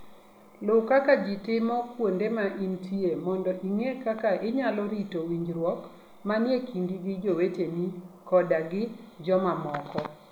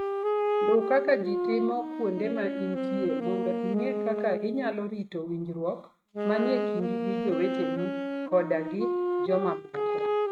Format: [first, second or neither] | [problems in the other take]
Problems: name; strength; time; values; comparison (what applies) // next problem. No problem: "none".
first | noise reduction (neural mask model RNNoise)